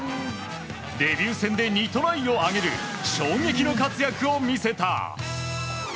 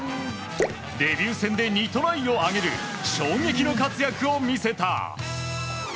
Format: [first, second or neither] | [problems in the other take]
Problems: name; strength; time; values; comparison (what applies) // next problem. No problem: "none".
first | background sound (Drip / Splash, splatter); 10 dB below the speech